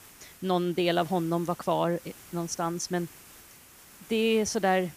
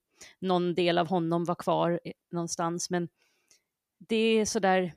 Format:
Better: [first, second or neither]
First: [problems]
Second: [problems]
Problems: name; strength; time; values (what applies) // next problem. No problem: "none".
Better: second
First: hiss; faint; throughout; 20 dB below the speech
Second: none